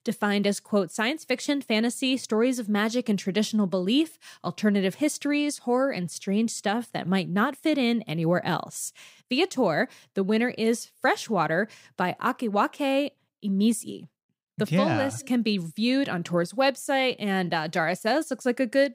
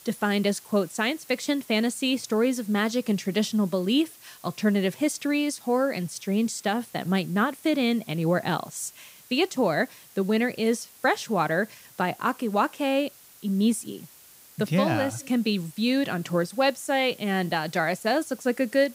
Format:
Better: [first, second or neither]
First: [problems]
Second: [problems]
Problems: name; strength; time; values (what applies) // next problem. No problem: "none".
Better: first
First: none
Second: hiss; faint; throughout; 20 dB below the speech